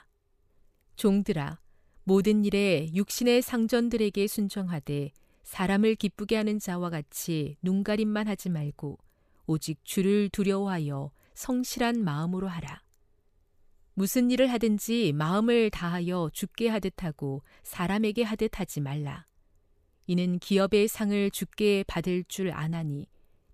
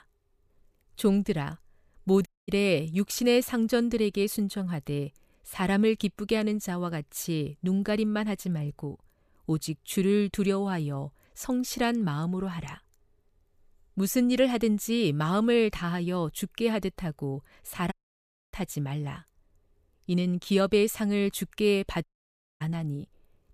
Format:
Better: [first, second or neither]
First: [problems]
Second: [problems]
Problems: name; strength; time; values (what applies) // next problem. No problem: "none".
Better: first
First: none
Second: audio cutting out; at 2.5 s, at 18 s for 0.5 s and at 22 s for 0.5 s